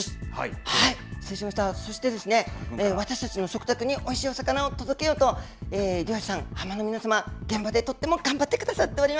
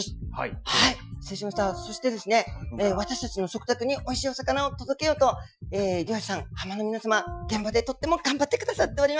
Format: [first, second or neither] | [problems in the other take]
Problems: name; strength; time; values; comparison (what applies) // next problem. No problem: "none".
first | noise reduction (classical method Wiener filter)